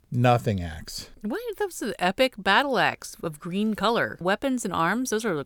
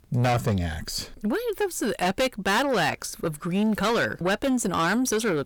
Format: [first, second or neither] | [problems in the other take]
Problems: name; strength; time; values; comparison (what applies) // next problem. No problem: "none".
first | distortion; heavy; 6 dB below the speech